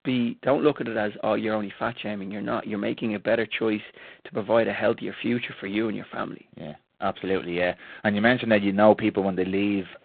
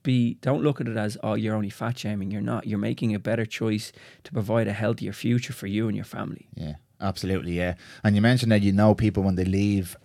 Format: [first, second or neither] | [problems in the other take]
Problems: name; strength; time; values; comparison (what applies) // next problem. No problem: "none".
second | phone-call audio; poor line; nothing above 4 kHz